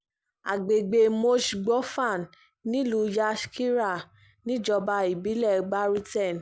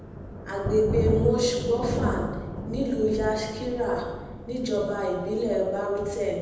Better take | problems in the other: first | background sound (Thunder); 5 dB below the speech // room echo; dies away in 1 s

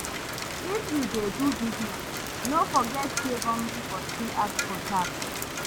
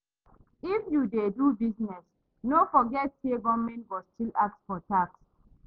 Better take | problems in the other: second | background sound (Rain); 3 dB below the speech

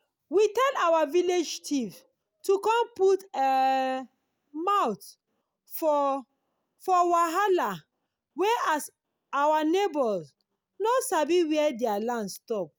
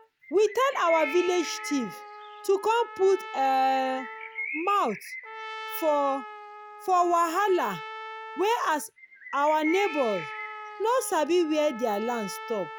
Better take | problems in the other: first | background sound (Trumpet + Bird); 12 dB below the speech

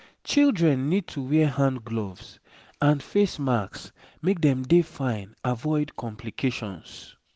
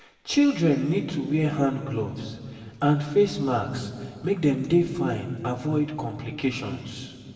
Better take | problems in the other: first | room echo; dies away in 1.7 s

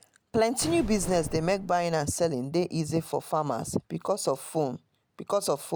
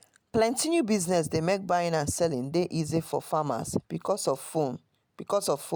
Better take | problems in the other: second | background sound (Explosion); 14 dB below the speech

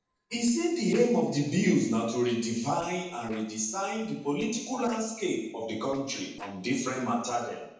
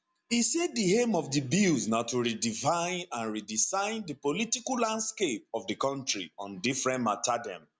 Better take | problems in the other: second | noise reduction (neural separator model SepFormer DNS4)

